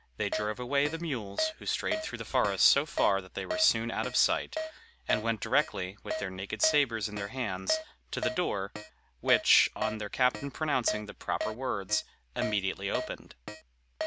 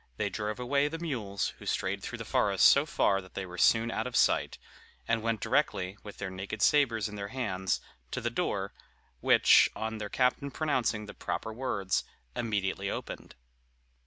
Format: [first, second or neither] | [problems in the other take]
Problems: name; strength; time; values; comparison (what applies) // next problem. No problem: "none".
second | background sound (Keyboard (musical)); 8 dB below the speech